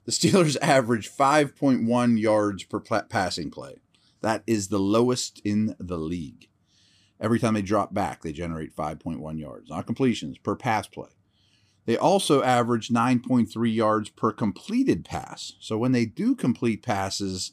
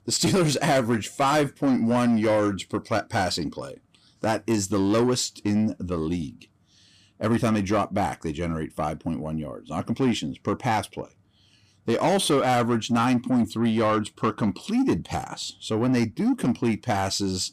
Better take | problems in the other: first | distortion; slight; 10 dB below the speech

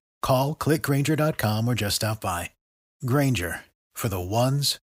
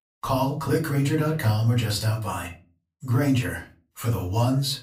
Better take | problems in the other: first | off-mic speech; far // room echo; very slight; dies away in 0.3 s

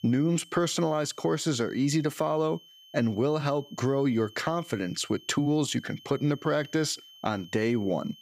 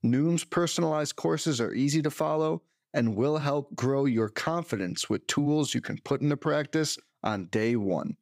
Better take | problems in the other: second | high-pitched whine; faint; throughout; 3 kHz, 20 dB below the speech

